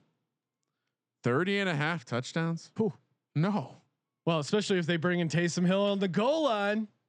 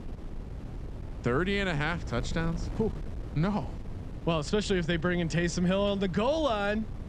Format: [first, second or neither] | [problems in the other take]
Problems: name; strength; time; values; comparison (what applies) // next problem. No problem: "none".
first | wind noise on the microphone; occasional gusts; 20 dB below the speech